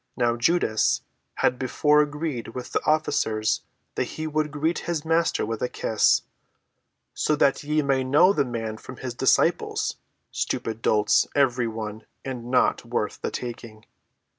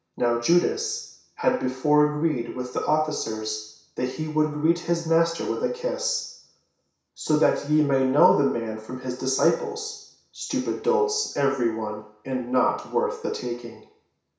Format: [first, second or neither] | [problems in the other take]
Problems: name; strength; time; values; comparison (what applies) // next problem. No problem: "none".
first | room echo; dies away in 0.6 s